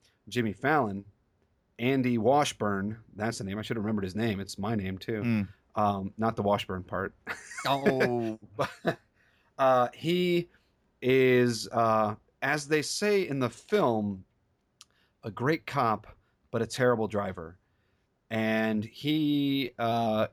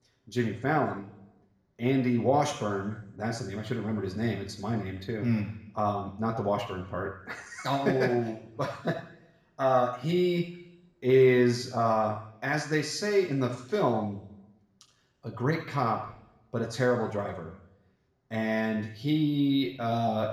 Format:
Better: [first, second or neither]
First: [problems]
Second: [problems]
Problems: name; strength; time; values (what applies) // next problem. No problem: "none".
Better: first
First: none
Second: room echo; slight; dies away in 0.7 s // off-mic speech; somewhat distant